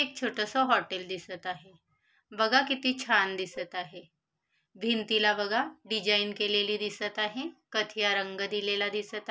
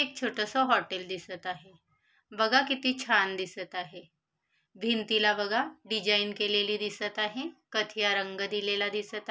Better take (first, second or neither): second